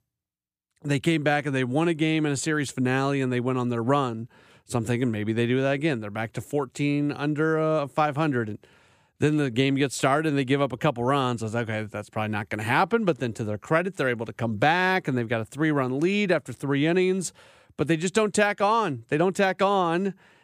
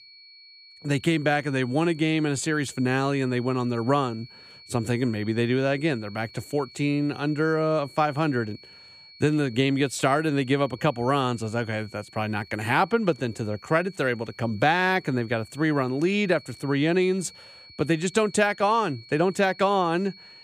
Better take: first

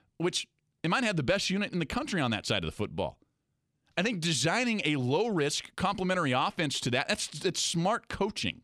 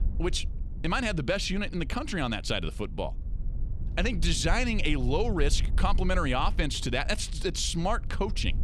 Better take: first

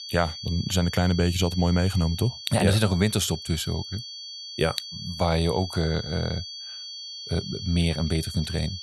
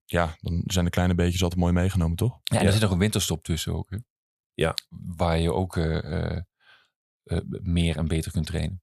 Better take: second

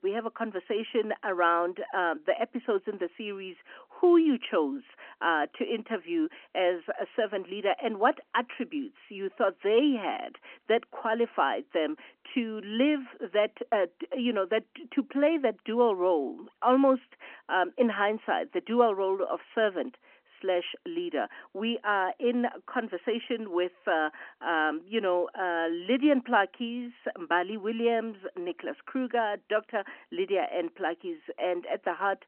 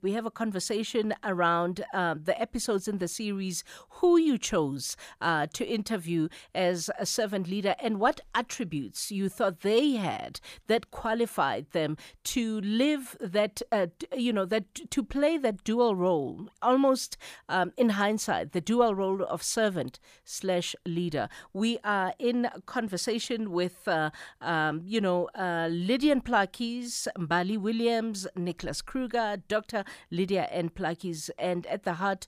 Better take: second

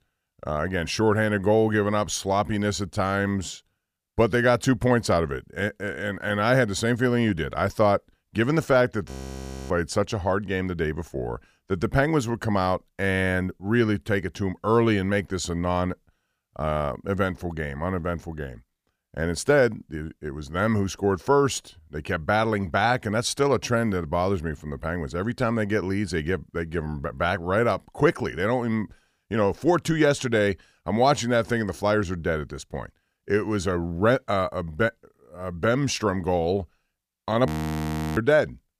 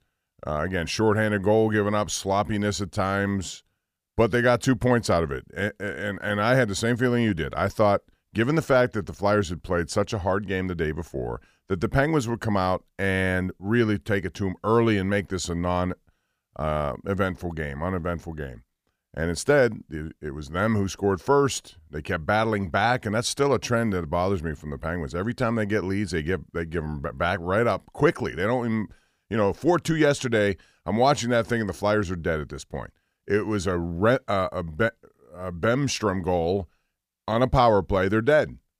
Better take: second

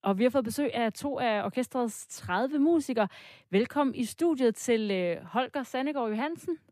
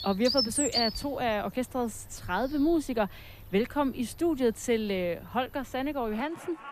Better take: first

